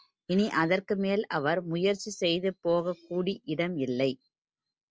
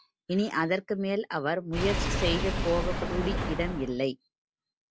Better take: first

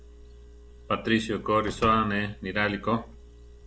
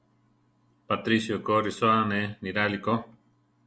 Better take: second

